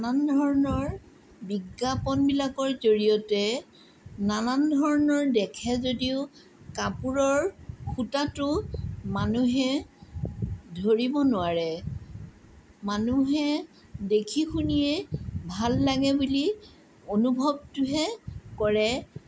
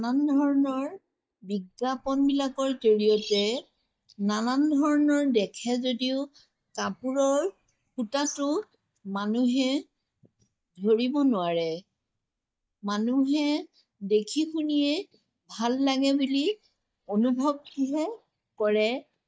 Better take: first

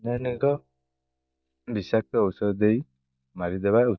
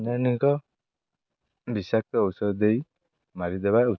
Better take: second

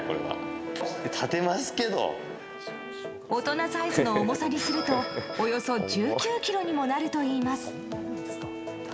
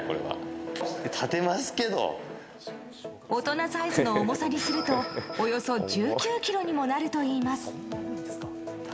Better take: second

